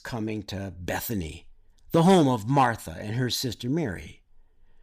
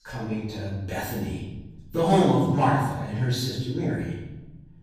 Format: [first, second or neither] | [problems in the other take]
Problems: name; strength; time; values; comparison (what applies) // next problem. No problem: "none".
first | off-mic speech; far // room echo; strong; dies away in 1.1 s